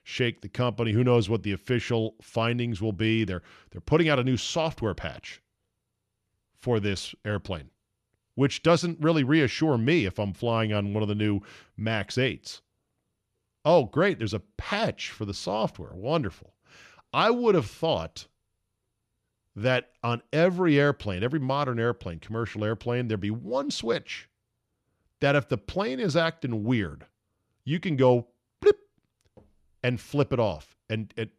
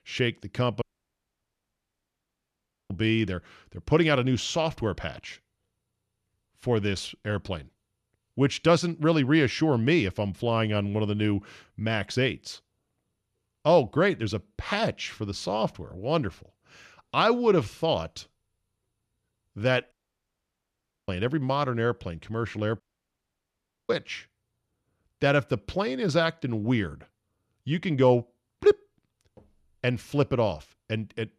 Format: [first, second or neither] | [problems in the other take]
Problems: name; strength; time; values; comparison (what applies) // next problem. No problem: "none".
first | audio cutting out; at 1 s for 2 s, at 20 s for 1 s and at 23 s for 1 s